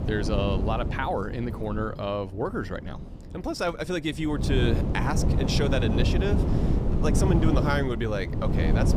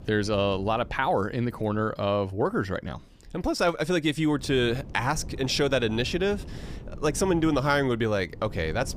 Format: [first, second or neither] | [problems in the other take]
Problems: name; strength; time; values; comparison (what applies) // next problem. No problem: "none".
second | wind noise on the microphone; heavy; 5 dB below the speech; occasional gusts in the second